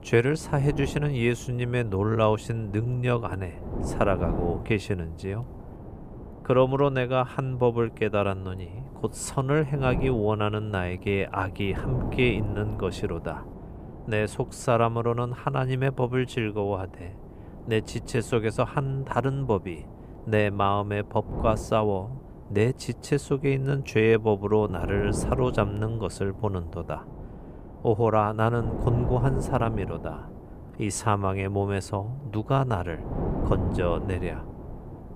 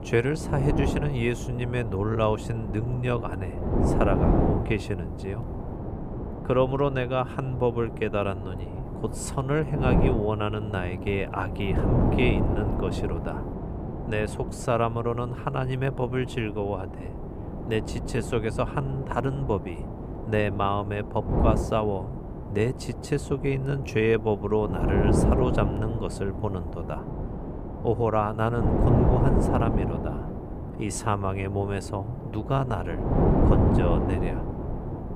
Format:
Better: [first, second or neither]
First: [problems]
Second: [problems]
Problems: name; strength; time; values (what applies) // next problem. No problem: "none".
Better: first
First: wind noise on the microphone; occasional gusts; 15 dB below the speech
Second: wind noise on the microphone; heavy; 5 dB below the speech